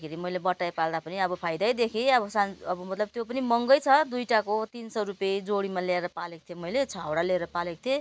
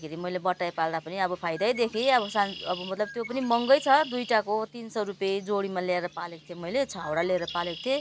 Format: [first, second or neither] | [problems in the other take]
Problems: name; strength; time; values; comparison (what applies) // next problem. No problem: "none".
first | background sound (Bird); 16 dB below the speech